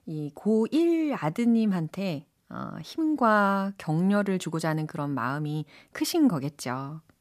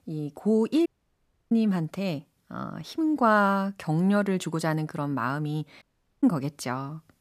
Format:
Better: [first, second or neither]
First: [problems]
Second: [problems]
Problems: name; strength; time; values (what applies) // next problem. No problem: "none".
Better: first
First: none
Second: audio cutting out; at 1 s for 0.5 s and at 6 s